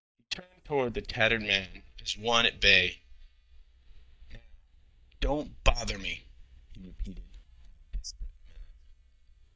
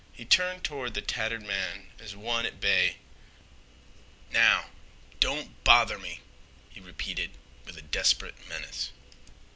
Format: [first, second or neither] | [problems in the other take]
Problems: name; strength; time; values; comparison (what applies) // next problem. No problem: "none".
second | noise reduction (neural mask model DeepFilterNet 3)